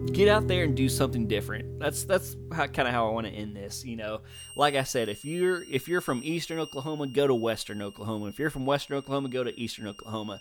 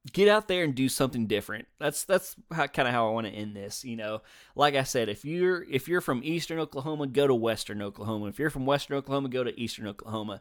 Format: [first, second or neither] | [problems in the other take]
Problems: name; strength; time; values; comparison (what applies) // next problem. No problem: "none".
second | background music; loud; throughout; 9 dB below the speech